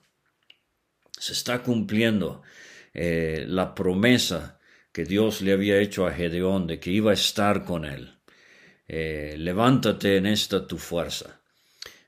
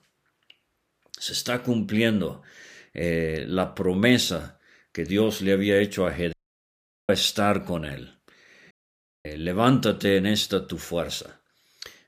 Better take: first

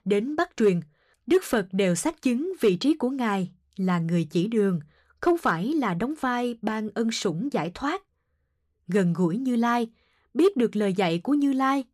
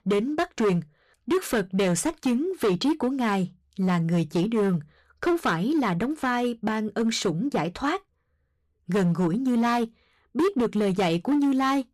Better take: first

